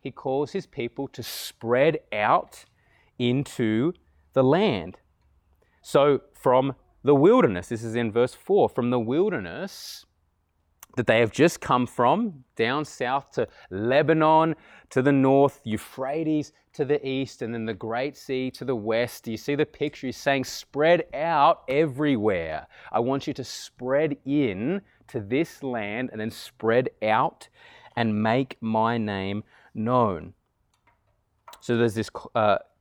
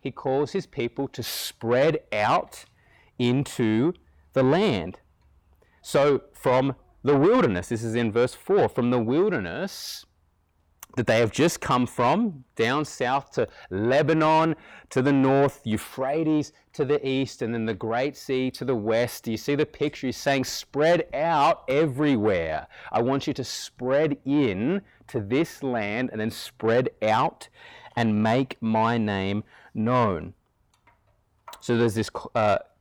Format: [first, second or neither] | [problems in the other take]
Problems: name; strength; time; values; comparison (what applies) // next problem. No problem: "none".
first | distortion; slight; 10 dB below the speech